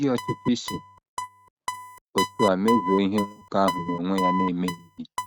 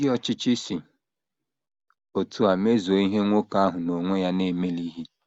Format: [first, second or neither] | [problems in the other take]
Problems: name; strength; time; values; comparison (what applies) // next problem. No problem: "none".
second | noise reduction (neural mask model RNNoise)